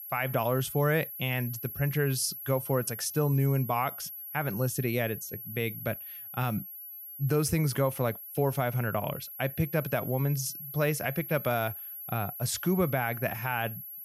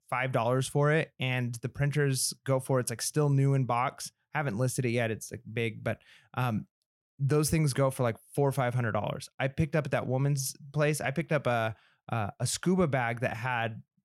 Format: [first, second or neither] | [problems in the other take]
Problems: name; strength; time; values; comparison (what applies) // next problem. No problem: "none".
second | high-pitched whine; loud; throughout; 11.5 kHz, 9 dB below the speech